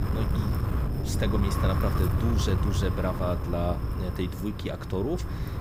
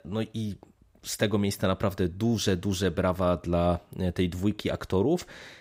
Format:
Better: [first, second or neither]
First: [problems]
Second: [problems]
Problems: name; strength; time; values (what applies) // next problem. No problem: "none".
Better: second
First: wind noise on the microphone; heavy; 3 dB below the speech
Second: none